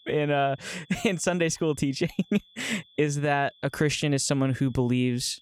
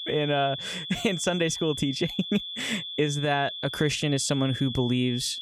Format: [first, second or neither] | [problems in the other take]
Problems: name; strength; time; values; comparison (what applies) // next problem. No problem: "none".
first | high-pitched whine; loud; throughout; 3.5 kHz, 7 dB below the speech; faint in the first